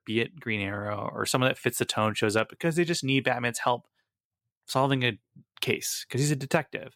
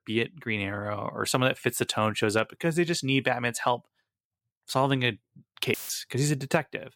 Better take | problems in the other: first | audio cutting out; filled with static; at 5.5 s

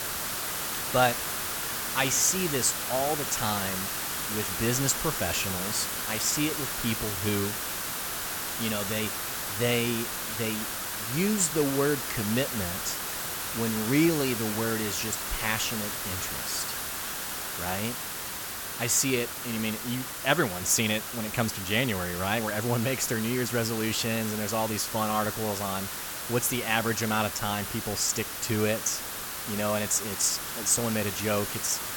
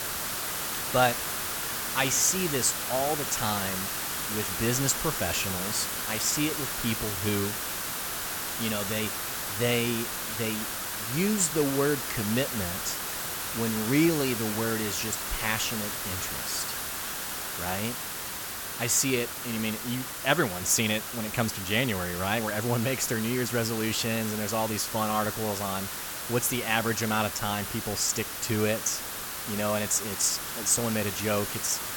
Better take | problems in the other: neither | hiss; loud; throughout; 3 dB below the speech; the same in both

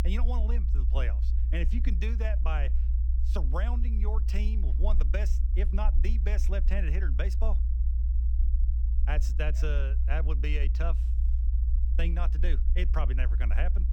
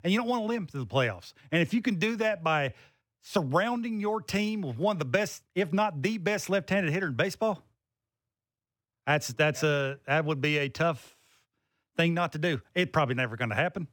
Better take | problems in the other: second | low rumble; loud; throughout; 9 dB below the speech

